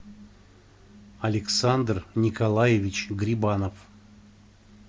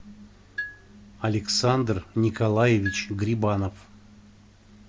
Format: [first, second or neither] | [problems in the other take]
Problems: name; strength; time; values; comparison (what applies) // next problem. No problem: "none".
first | background sound (Marimba, xylophone); 15 dB below the speech